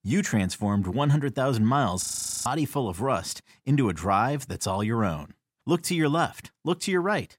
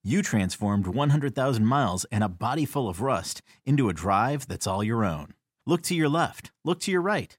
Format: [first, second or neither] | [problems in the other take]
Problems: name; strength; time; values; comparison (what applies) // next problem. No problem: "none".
second | audio freezing; at 2 s